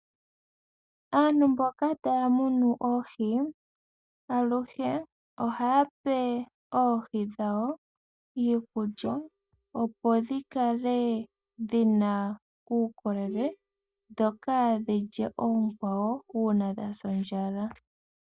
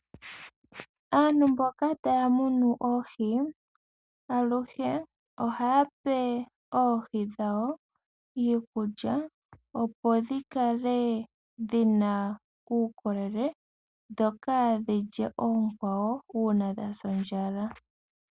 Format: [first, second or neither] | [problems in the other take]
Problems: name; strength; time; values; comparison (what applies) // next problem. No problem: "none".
second | noise reduction (neural mask model DeepFilterNet 3)